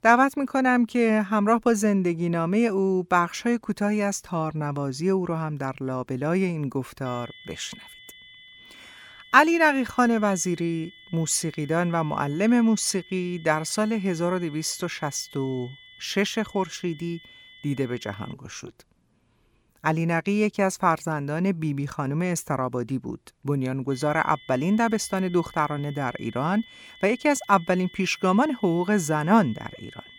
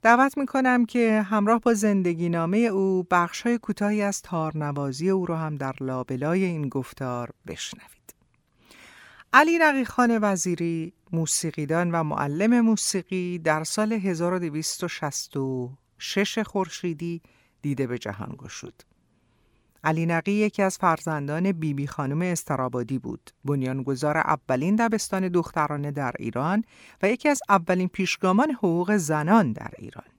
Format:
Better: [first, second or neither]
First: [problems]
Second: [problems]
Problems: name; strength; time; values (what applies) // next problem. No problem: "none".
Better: second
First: high-pitched whine; faint; from 7 to 18 s and from 24 s on; 2 kHz, 20 dB below the speech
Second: none